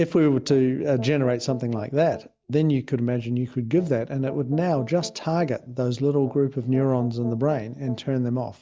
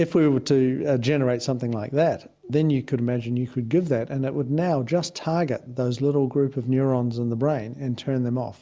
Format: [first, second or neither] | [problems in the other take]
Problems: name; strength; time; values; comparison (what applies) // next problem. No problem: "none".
second | noise reduction (neural mask model DeepFilterNet 3)